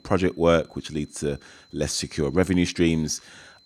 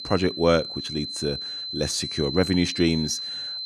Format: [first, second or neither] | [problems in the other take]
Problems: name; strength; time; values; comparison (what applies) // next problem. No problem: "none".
first | high-pitched whine; loud; throughout; 4 kHz, 6 dB below the speech; faint in the first